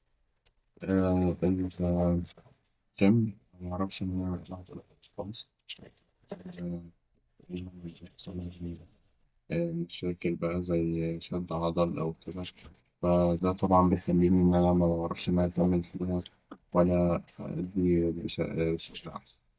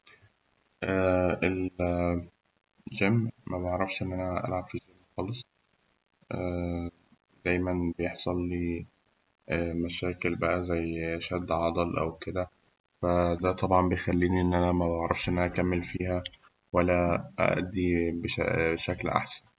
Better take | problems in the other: second | noise reduction (neural mask model DeepFilterNet 3)

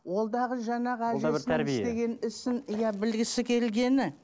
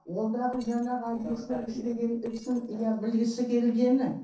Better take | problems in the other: first | noise reduction (neural separator model SepFormer DNS4)

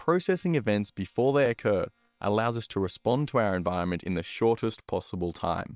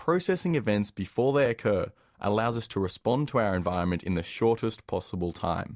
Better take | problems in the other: second | noise reduction (neural separator model SepFormer WHAM!)

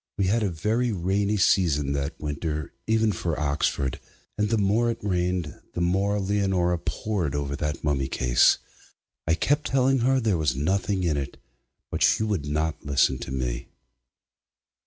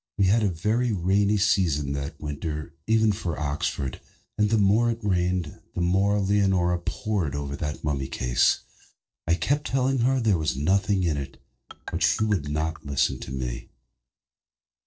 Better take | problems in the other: first | noise reduction (neural separator model SepFormer DNS4)

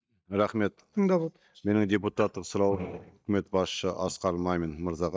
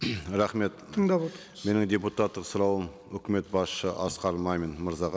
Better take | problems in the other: second | noise reduction (neural mask model DeepFilterNet 3)

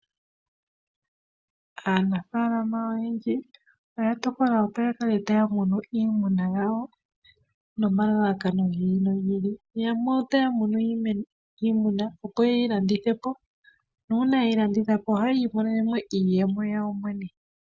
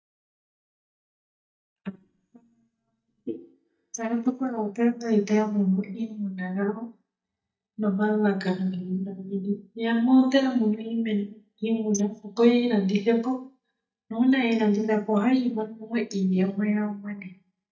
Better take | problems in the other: first | noise reduction (neural mask model DeepFilterNet 3)

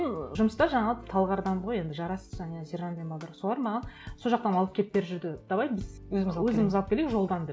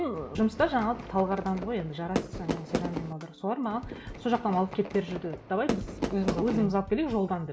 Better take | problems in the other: first | background sound (Fireworks); 7 dB below the speech

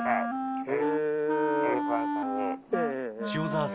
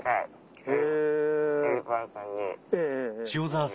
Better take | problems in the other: second | background sound (Wind instrument, woodwind instrument); 1 dB below the speech

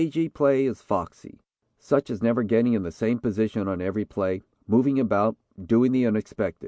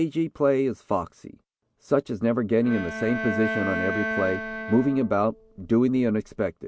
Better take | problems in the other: first | background sound (Bowed string instrument); 7 dB below the speech

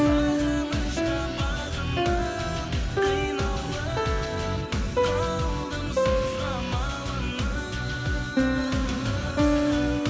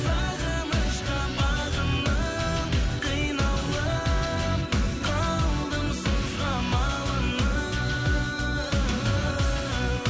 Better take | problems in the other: second | background sound (Piano); as loud as the speech

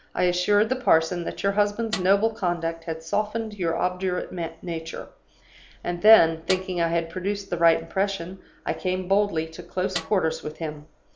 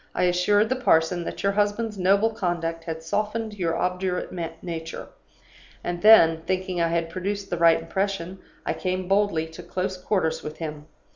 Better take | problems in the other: second | background sound (Snare drum); 13 dB below the speech

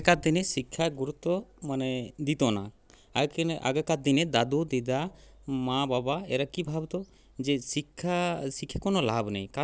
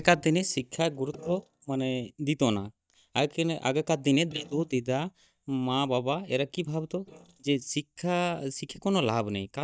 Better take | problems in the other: first | noise reduction (neural mask model DeepFilterNet 3)

